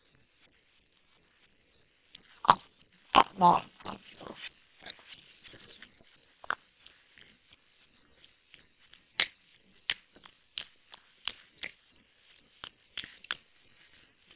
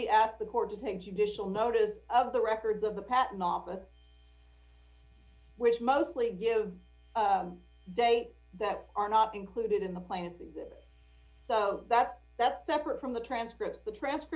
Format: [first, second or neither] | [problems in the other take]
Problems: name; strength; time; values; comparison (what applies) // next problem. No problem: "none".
second | noise reduction (neural separator model SepFormer WHAM!)